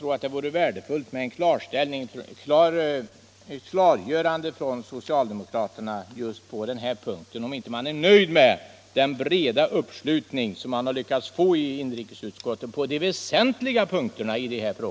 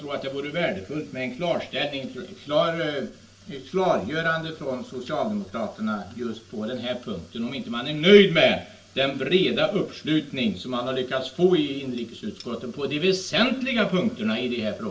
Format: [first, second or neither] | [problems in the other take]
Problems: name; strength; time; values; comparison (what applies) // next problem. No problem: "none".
first | room echo; dies away in 0.3 s